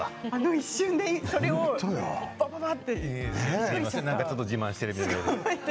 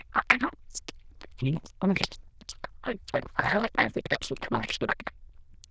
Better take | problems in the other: first | noise reduction (neural diffusion model UNIVERSE++)

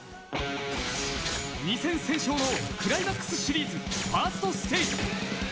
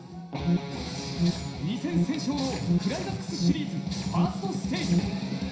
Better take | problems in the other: first | background sound (Alarm); as loud as the speech // room echo; dies away in 0.5 s

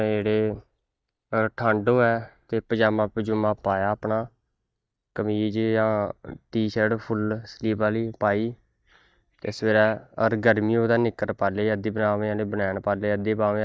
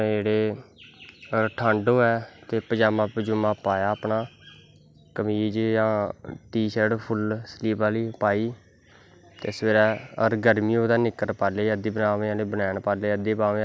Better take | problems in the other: second | noise reduction (neural mask model DeepFilterNet 3)

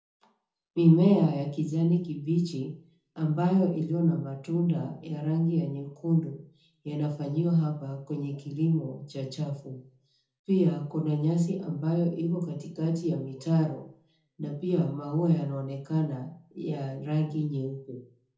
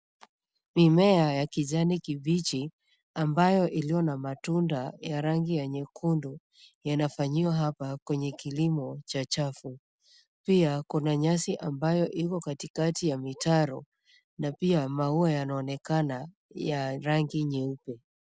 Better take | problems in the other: second | room echo; dies away in 0.5 s

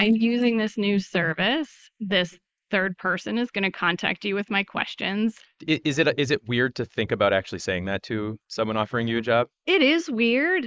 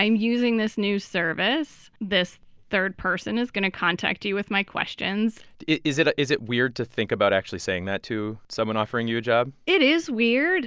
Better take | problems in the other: second | noise reduction (neural mask model Resemble Enhance denoiser)

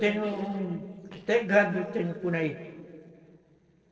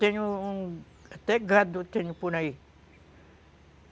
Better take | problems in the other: second | noise reduction (neural separator model SepFormer DNS4)

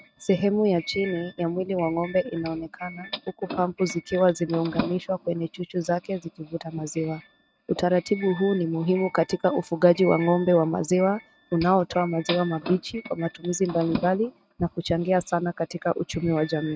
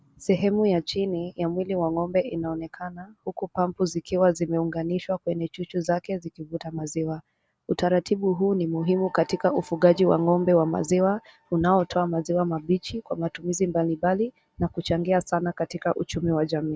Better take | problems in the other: second | noise reduction (neural mask model RNNoise)

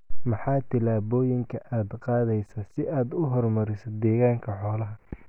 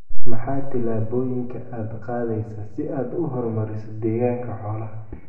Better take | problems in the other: first | room echo; dies away in 0.8 s

